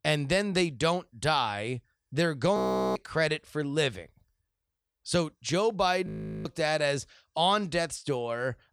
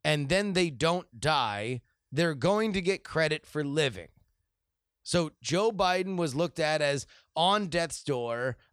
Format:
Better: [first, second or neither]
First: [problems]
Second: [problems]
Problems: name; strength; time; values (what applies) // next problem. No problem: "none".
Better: second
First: audio freezing; at 2.5 s and at 6 s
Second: none